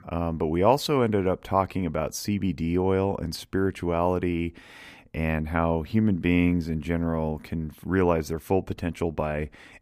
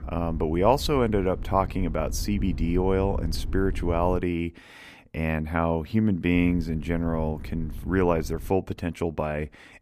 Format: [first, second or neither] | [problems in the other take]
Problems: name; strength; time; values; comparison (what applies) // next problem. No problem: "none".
first | low rumble; faint; until 4 s and from 6.5 to 8.5 s; 20 dB below the speech